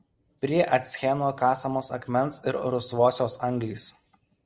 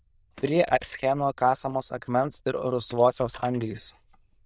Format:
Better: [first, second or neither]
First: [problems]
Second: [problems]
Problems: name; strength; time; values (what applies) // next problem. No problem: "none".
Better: first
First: none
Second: noise reduction (neural diffusion model UNIVERSE++)